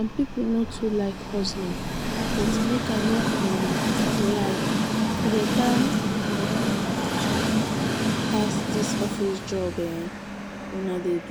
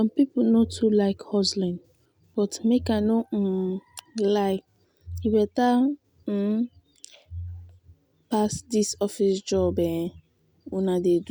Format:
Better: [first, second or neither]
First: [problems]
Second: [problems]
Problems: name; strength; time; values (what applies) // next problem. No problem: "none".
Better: second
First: background sound (Train); 3 dB above the speech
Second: none